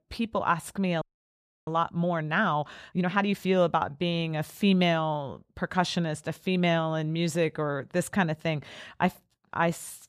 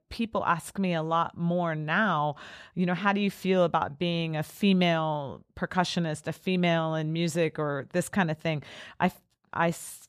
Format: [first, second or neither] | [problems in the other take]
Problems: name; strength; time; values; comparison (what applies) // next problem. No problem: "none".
second | audio freezing; at 1 s for 0.5 s